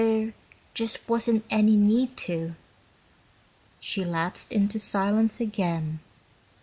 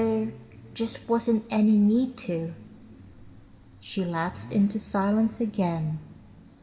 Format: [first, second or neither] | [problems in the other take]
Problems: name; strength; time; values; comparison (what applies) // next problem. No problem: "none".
first | background sound (Idling / Accelerating, revving, vroom / Car); 20 dB below the speech // room echo; dies away in 2.3 s